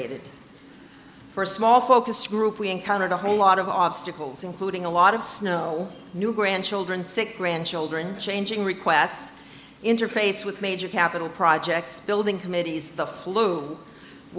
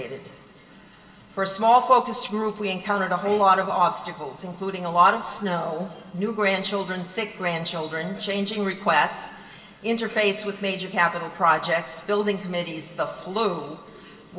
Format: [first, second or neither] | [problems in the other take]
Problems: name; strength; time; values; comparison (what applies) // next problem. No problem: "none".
first | room echo; dies away in 2.1 s